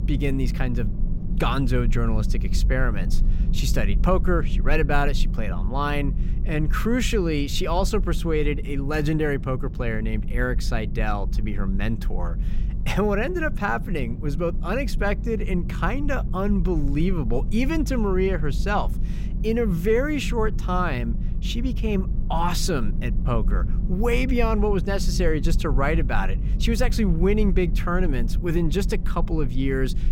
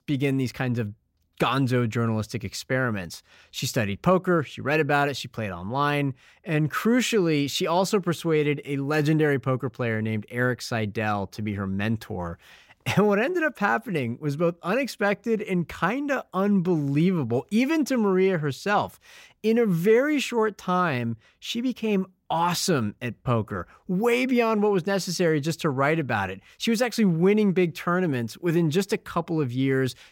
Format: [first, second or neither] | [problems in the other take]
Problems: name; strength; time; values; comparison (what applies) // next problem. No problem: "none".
second | low rumble; noticeable; throughout; 15 dB below the speech